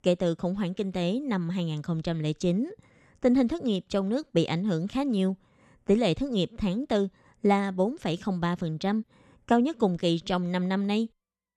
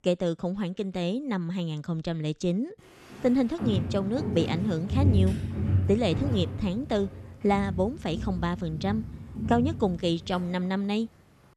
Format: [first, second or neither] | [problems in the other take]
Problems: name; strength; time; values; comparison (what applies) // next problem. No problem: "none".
first | footsteps; loud; from 3.5 to 10 s; peak 5 dB above the speech